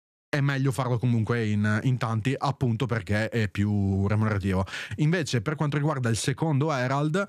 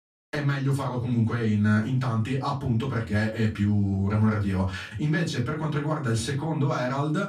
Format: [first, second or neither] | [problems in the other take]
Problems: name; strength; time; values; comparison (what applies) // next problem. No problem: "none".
first | off-mic speech; far // room echo; very slight; dies away in 0.3 s